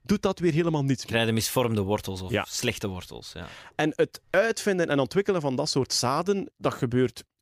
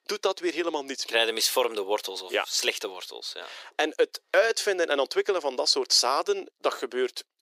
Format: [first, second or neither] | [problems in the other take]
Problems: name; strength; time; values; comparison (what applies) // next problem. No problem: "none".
first | thin; very; fading below 350 Hz